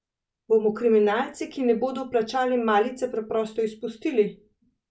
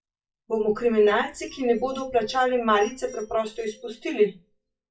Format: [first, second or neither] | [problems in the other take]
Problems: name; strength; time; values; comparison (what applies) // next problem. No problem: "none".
first | noise reduction (classical method WPE with log-MMSE)